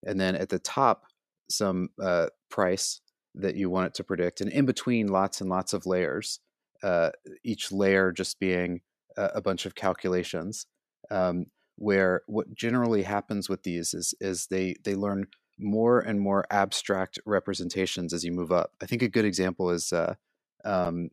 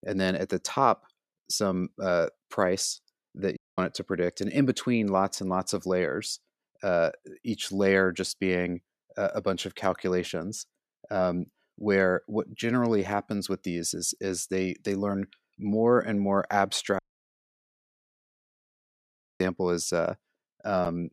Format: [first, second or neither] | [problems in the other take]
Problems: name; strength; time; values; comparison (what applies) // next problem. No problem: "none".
first | audio cutting out; at 3.5 s and at 17 s for 2.5 s